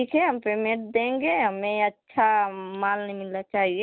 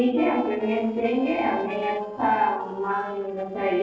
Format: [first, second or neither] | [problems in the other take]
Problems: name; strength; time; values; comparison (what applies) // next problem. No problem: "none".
first | noise reduction (neural separator model SepFormer DNS4)